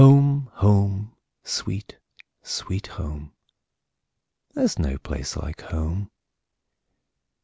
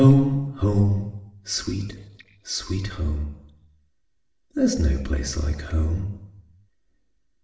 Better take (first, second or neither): first